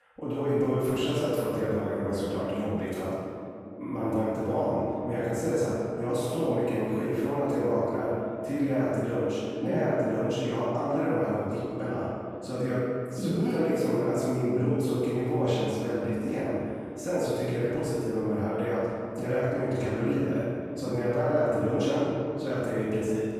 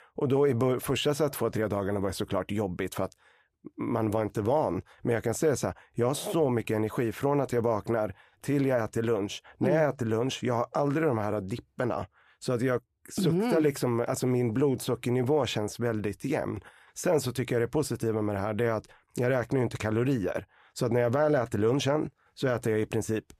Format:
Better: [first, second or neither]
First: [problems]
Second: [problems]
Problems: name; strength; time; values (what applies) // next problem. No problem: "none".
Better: second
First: off-mic speech; far // room echo; strong; dies away in 2.3 s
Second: none